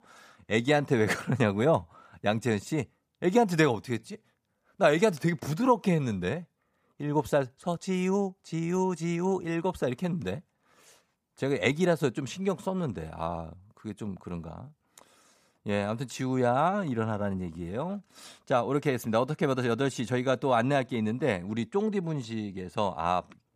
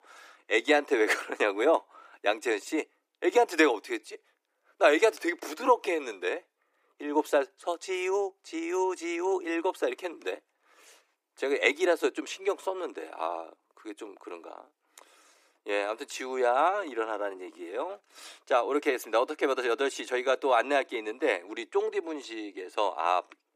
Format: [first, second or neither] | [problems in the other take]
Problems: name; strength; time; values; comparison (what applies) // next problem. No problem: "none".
first | thin; very; fading below 300 Hz